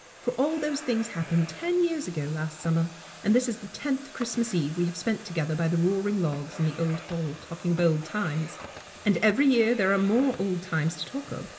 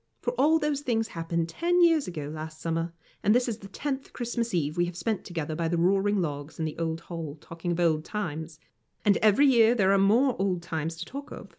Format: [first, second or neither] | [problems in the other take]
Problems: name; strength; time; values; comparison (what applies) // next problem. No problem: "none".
second | background sound (Domestic sounds, home sounds); 17 dB below the speech // room echo; dies away in 1 s